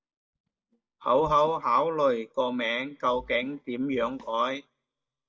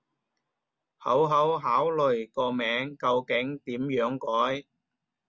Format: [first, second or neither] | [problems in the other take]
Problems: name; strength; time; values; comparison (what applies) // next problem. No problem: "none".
second | noise reduction (neural mask model DeepFilterNet 3)